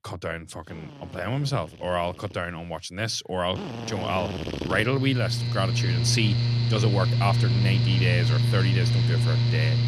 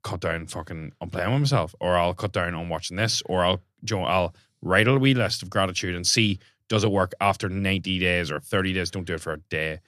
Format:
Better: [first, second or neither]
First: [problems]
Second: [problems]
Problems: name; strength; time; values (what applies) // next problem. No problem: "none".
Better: second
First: machinery noise; very loud; throughout; 4 dB above the speech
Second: none